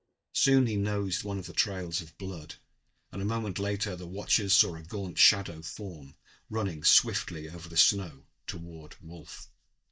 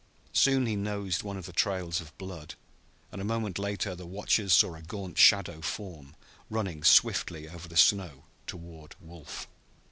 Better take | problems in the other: second | noise reduction (neural mask model DeepFilterNet 3)

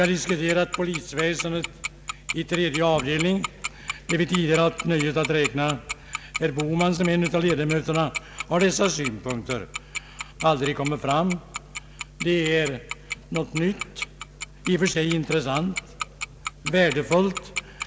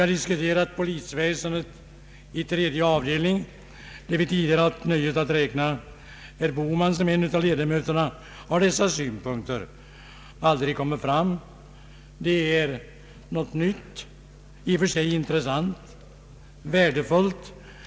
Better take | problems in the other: second | background sound (Tick-tock); 10 dB below the speech

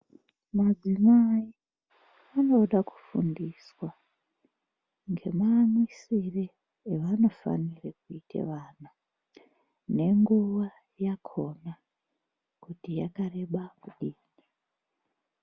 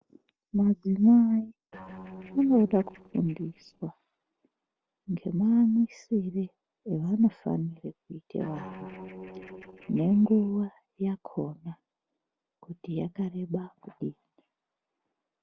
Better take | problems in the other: first | noise reduction (neural separator model SepFormer DNS4)

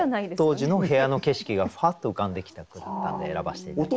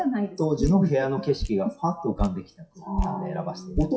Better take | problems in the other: first | noise reduction (classical method WPE with log-MMSE)

